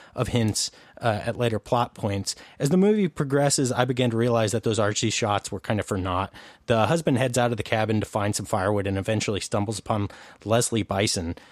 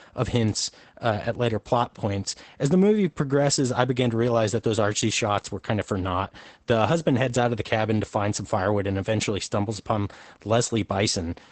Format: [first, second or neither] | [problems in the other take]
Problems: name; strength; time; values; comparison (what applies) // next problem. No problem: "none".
first | garbled, watery; badly; nothing above 8 kHz